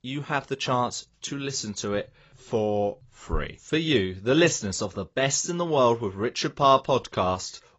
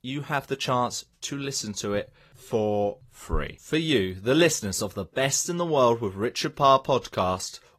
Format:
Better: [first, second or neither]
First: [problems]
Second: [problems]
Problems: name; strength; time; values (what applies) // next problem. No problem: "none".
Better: second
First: garbled, watery; badly; nothing above 7.5 kHz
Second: garbled, watery; slightly; nothing above 14.5 kHz